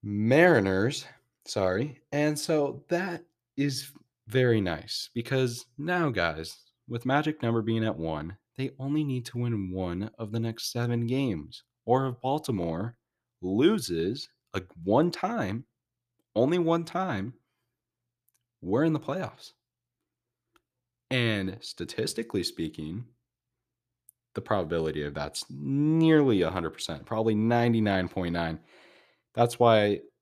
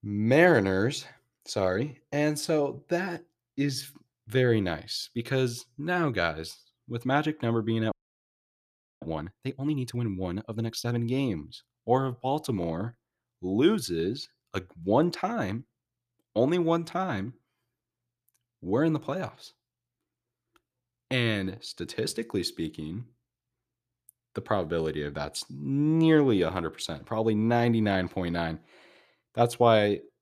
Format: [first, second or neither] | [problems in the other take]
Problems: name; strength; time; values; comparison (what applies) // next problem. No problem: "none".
first | audio freezing; at 8 s for 1 s